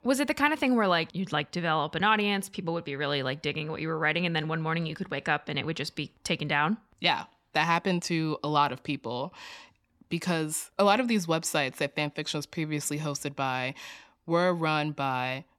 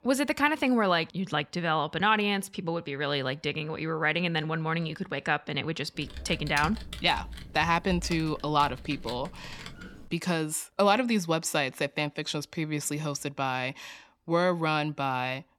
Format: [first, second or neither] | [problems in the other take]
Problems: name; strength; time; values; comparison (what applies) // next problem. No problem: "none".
first | keyboard typing; noticeable; from 6 to 10 s; peak 8 dB below the speech